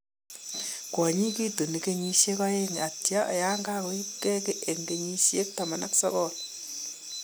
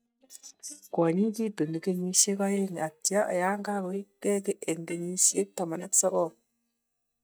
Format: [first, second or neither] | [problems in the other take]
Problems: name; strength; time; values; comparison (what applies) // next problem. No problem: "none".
first | noise reduction (neural mask model DeepFilterNet 3)